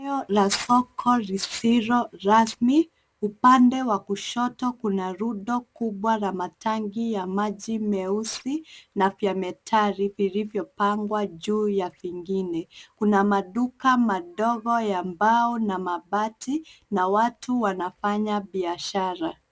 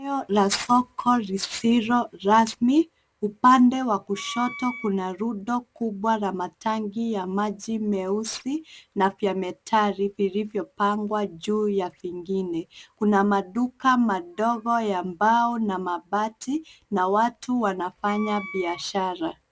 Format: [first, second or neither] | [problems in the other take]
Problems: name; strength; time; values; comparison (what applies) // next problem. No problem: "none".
first | background sound (Wind instrument, woodwind instrument); 15 dB below the speech